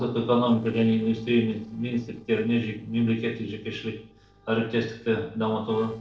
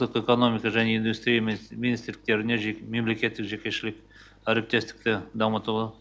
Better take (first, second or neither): second